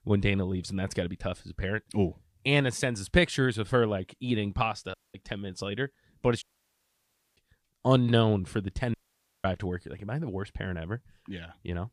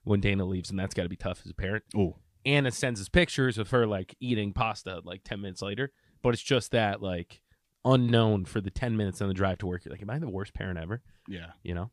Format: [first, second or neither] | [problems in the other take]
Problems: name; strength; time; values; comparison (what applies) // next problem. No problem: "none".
second | audio cutting out; at 5 s, at 6.5 s for 1 s and at 9 s for 0.5 s